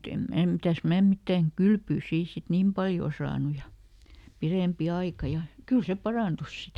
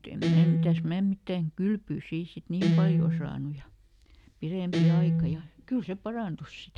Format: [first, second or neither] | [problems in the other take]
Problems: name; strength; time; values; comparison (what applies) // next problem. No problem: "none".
first | background sound (Guitar); 3 dB above the speech